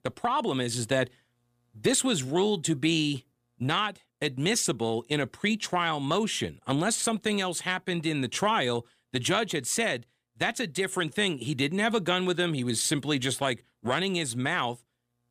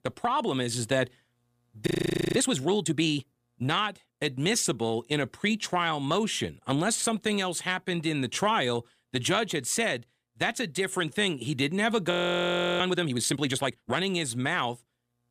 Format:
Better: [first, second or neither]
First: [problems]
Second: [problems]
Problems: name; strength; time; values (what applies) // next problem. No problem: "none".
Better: first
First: none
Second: audio freezing; at 2 s and at 12 s for 0.5 s